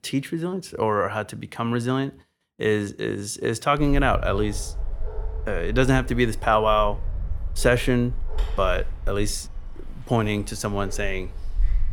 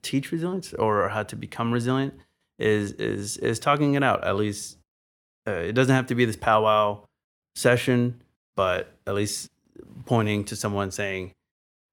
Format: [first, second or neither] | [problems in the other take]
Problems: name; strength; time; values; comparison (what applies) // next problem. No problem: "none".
second | dog barking; noticeable; from 4 s on; peak 3 dB below the speech